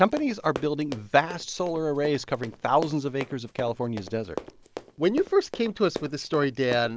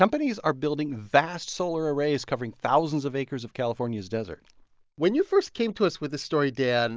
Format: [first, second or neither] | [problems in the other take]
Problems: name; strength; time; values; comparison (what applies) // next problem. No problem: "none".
second | background sound (Run); 14 dB below the speech